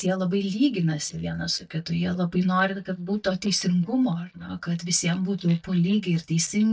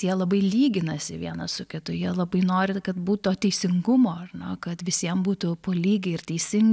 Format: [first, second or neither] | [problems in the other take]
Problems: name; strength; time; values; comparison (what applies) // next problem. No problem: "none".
second | noise reduction (neural mask model DeepFilterNet 3)